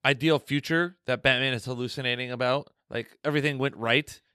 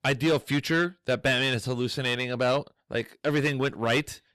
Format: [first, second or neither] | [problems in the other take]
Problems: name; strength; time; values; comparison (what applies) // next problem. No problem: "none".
first | distortion; heavy; 7 dB below the speech